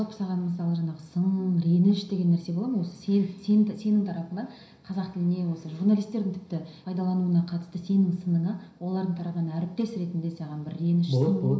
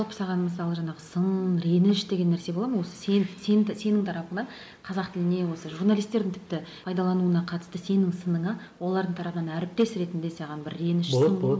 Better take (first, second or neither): second